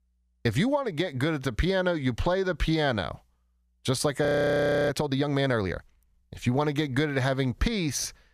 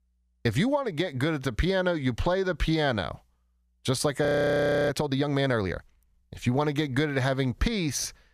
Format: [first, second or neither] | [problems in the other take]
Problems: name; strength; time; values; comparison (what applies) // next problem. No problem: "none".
neither | audio freezing; at 4.5 s for 0.5 s; the same in both